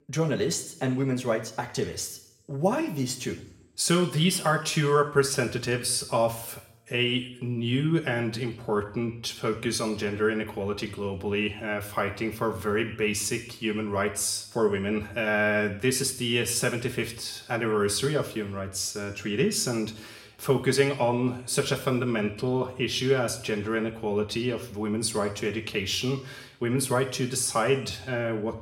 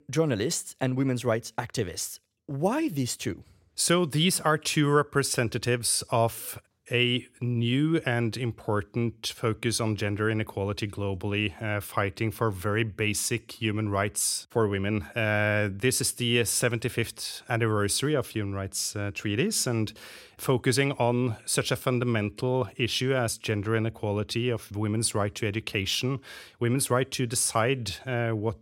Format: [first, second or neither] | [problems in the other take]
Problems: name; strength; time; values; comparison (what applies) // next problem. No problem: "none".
second | room echo; very slight; dies away in 0.6 s